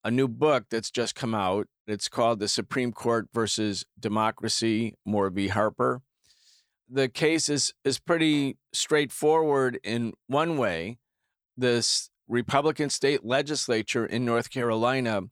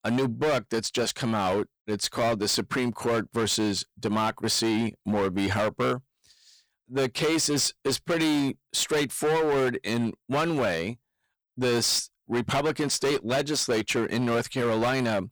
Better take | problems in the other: first | distortion; heavy; 18% of the sound clipped

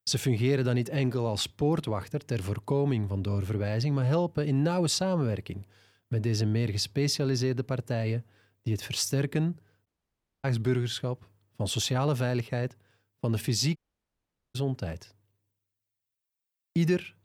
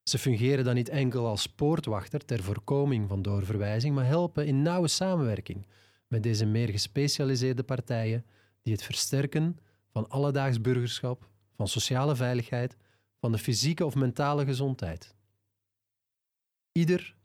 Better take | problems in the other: second | audio cutting out; at 10 s for 0.5 s and at 14 s for 1 s

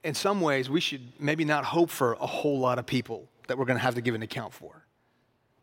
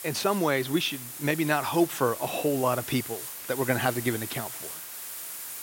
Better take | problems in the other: first | hiss; loud; throughout; 8 dB below the speech

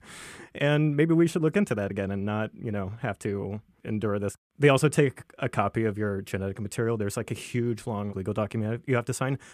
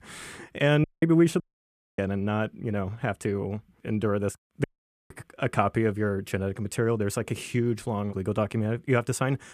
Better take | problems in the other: first | audio cutting out; at 1 s, at 1.5 s for 0.5 s and at 4.5 s

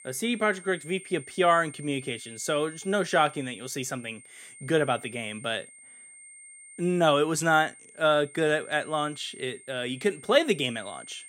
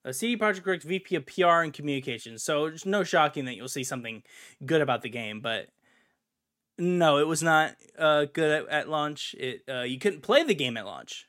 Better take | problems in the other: second | high-pitched whine; noticeable; throughout; 8.5 kHz, 20 dB below the speech

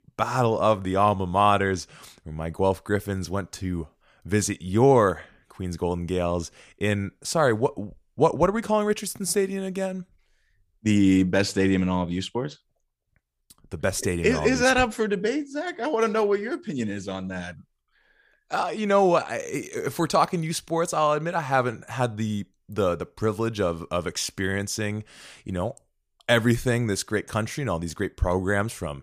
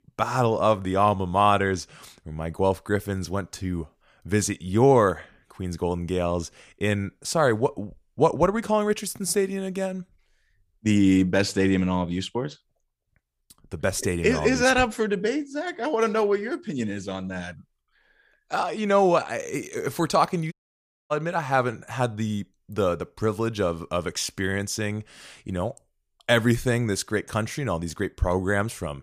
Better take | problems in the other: first | audio cutting out; at 21 s for 0.5 s

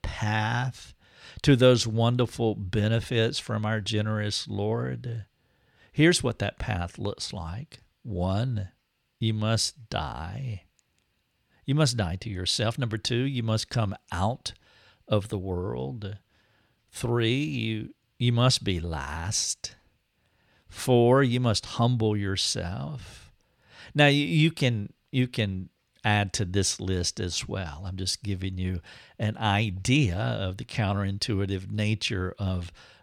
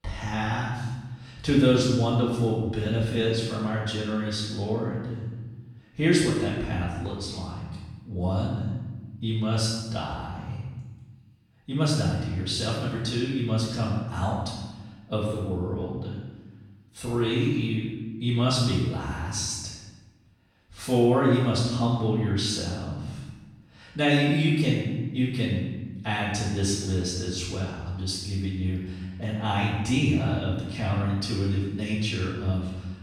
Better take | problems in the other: first | off-mic speech; far // room echo; strong; dies away in 1.1 s

